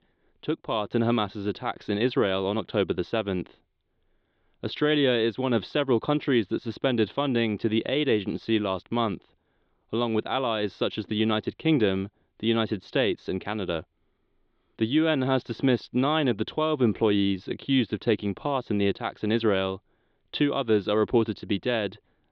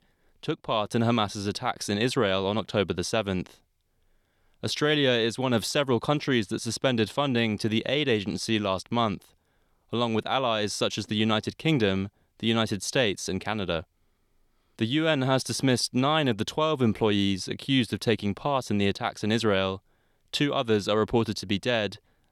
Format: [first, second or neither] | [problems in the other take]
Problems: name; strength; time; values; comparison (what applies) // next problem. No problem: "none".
second | muffled; slightly; fading above 3.5 kHz